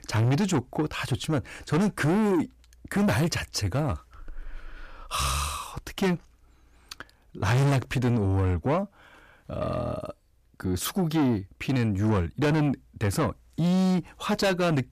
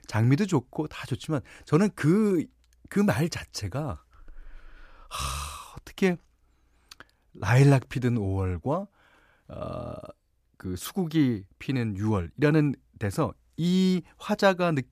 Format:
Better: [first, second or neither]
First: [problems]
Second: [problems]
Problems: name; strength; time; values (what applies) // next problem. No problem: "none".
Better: second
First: distortion; heavy; 6 dB below the speech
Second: none